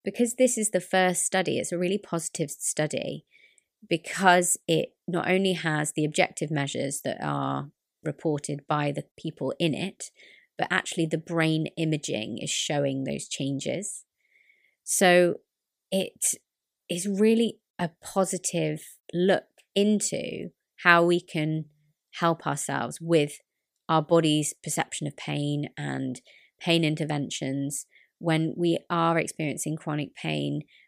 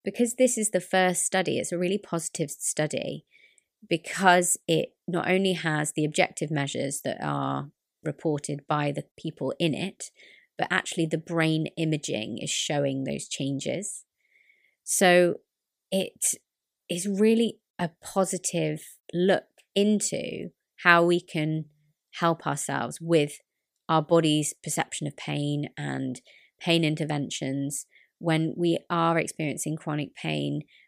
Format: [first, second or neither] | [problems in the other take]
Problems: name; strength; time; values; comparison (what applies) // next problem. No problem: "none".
neither | none